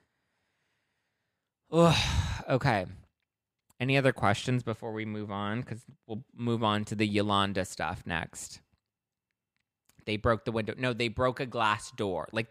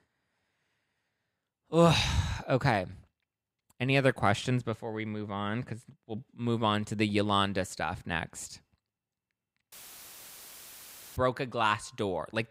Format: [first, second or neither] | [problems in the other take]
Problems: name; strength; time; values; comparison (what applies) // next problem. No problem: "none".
first | audio cutting out; filled with static; at 9.5 s for 1.5 s